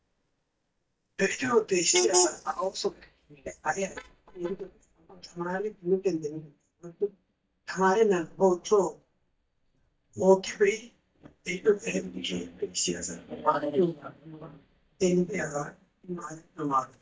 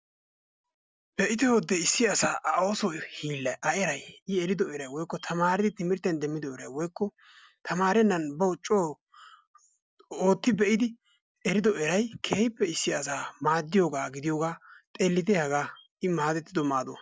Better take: second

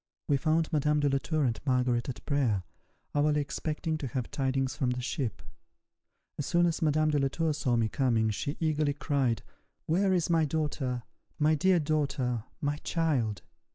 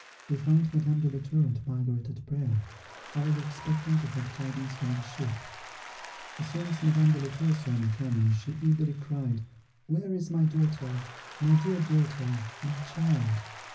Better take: first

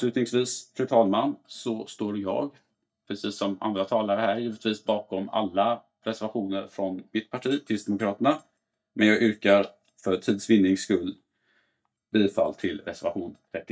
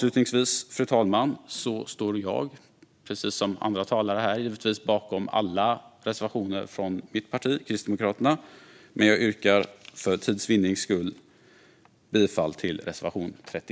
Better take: second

